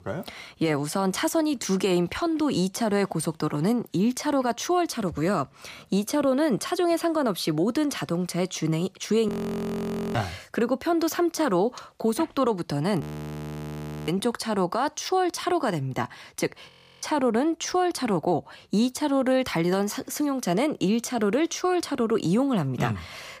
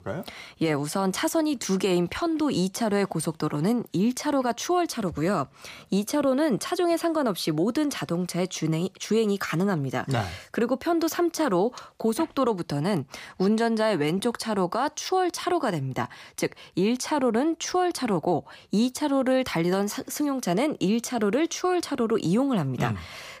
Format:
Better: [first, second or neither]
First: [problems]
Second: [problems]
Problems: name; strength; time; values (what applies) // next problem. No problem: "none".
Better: second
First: audio freezing; at 9.5 s for 1 s, at 13 s for 1 s and at 17 s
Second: none